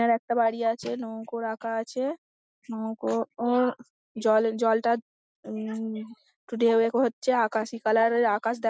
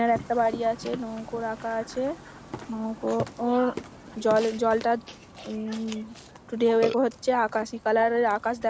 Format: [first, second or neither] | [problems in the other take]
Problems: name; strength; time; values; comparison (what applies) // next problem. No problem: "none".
first | background sound (Burping, eructation); 13 dB below the speech